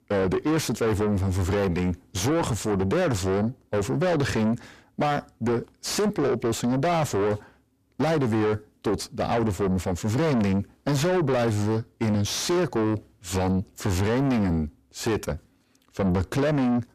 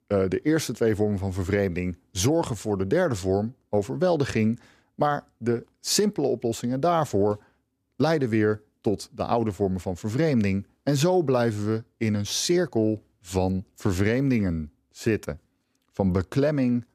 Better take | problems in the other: second | distortion; heavy; 6 dB below the speech

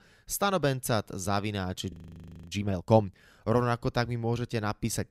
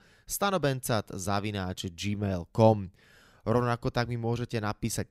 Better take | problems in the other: second | audio freezing; at 2 s for 0.5 s

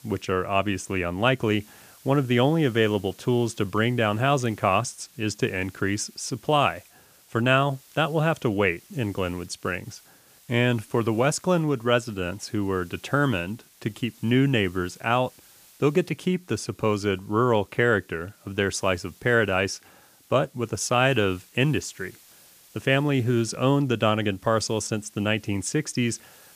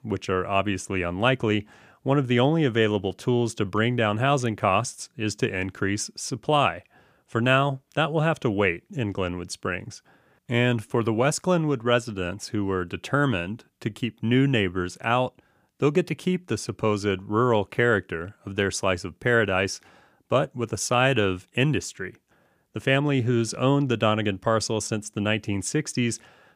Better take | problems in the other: second | hiss; faint; throughout; 25 dB below the speech

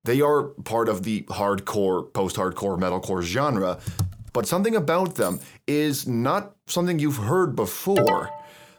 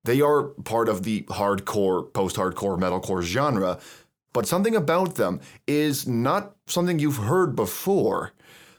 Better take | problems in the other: second | keyboard typing; noticeable; at 4 s; peak 5 dB below the speech // jangling keys; faint; at 5 s; peak 10 dB below the speech // alarm; loud; at 8 s; peak level with the speech

